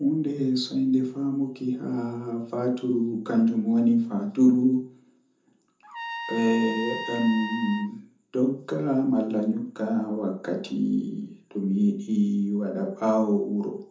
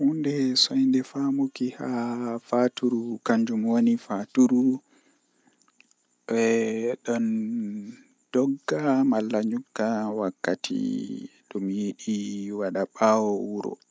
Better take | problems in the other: second | background sound (Trumpet); 9 dB below the speech // room echo; dies away in 0.5 s

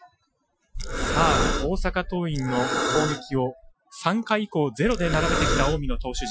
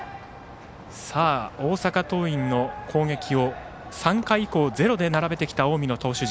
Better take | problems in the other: second | noise reduction (classical method Wiener filter)

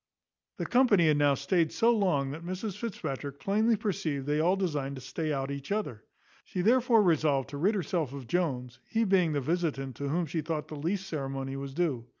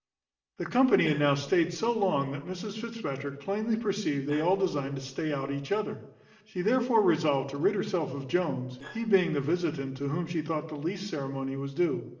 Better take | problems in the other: first | noise reduction (neural separator model SepFormer DNS4)

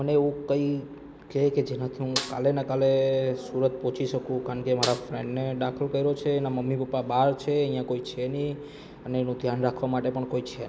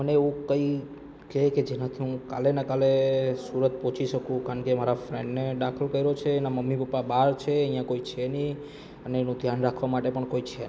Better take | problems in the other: second | background sound (Snare drum); 10 dB below the speech

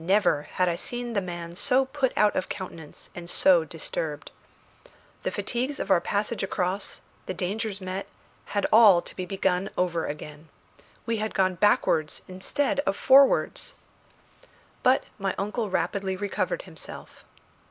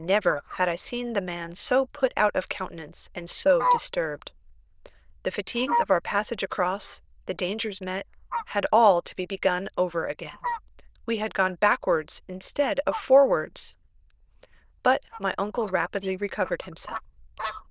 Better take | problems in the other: first | noise reduction (neural diffusion model UNIVERSE++)

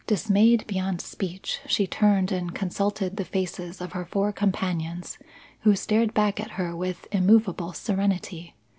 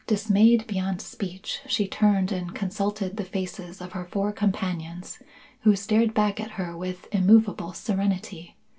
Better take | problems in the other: first | room echo; dies away in 0.2 s

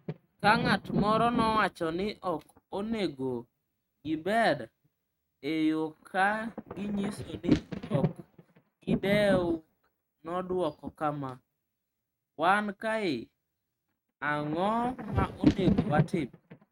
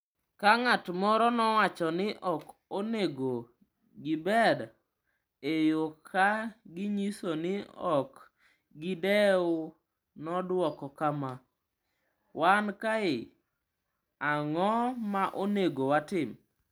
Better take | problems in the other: second | noise reduction (neural mask model RNNoise)

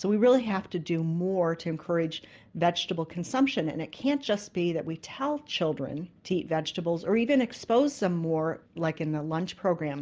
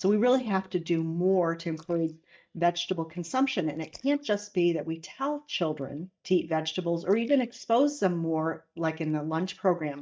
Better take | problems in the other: first | noise reduction (neural mask model DeepFilterNet 3)

